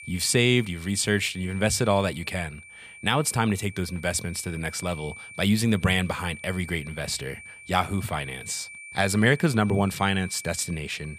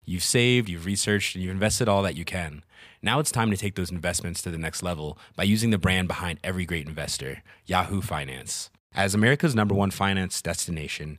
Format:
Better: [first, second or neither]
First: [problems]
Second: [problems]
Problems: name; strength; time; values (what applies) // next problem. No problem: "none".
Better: second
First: high-pitched whine; noticeable; throughout; 2.5 kHz, 15 dB below the speech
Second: none